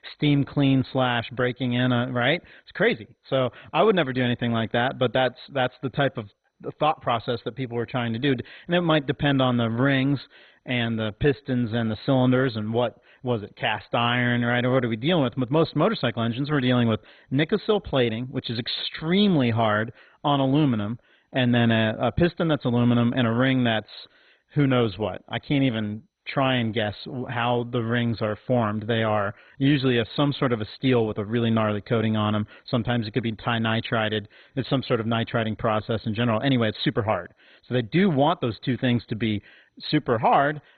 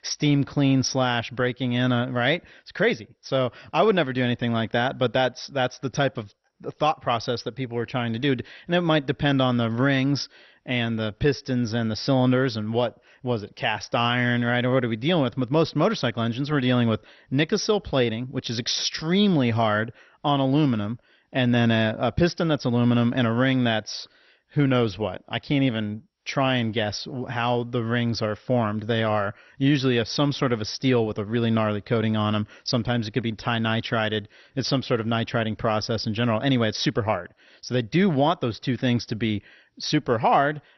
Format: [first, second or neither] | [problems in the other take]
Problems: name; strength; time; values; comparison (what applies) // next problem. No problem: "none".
second | garbled, watery; badly; nothing above 4 kHz; slightly in the second